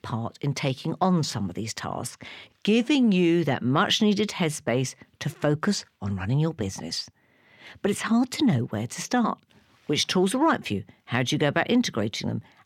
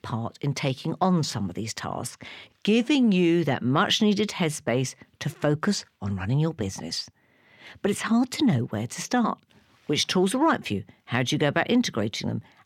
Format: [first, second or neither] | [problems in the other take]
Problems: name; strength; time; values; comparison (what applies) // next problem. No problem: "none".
neither | none